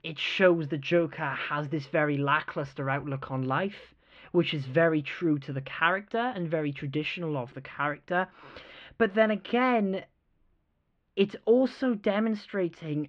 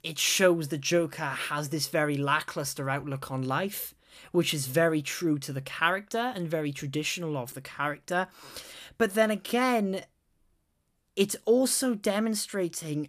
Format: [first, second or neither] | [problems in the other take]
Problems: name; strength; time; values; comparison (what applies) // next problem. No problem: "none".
second | muffled; very; fading above 3 kHz